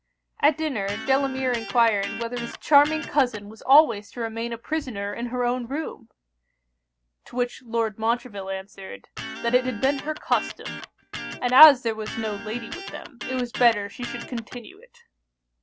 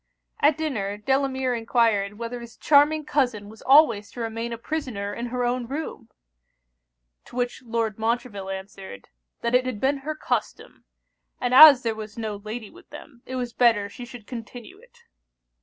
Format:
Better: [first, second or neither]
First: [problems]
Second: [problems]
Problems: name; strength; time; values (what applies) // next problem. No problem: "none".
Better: second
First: background sound (Electric guitar); 11 dB below the speech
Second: none